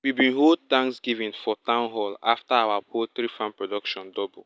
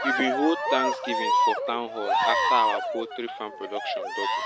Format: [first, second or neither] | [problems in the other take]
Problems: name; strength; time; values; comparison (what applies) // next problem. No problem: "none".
first | background sound (Cheering); 4 dB above the speech